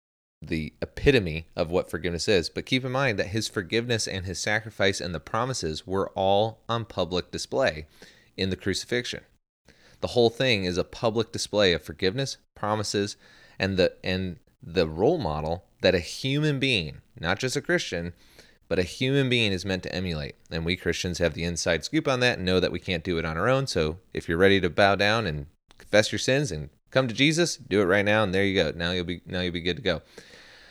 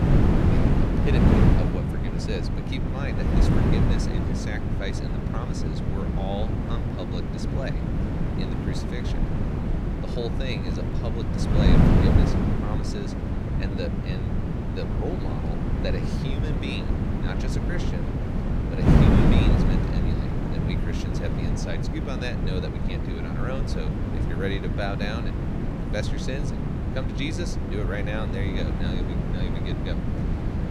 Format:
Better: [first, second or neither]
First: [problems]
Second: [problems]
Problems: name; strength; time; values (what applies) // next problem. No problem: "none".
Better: first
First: none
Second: wind noise on the microphone; heavy; 3 dB above the speech